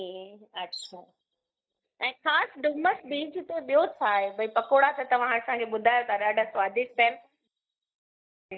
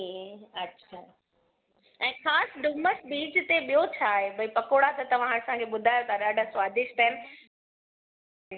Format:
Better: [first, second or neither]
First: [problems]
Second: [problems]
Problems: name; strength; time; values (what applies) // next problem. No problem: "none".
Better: second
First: noise reduction (neural mask model DeepFilterNet 3)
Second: none